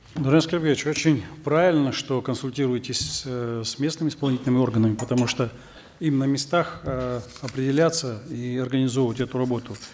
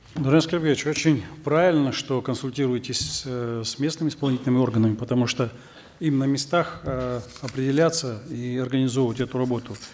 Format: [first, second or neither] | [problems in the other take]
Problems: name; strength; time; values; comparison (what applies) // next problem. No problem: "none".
second | background sound (Cutlery, silverware); 19 dB below the speech